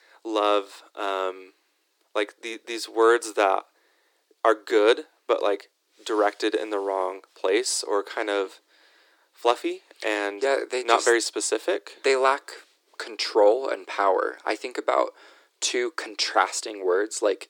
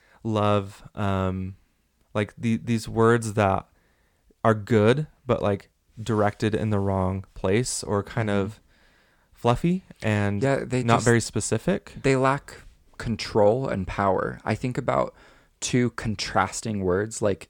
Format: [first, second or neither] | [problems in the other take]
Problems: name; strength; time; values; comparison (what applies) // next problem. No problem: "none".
second | thin; very; fading below 300 Hz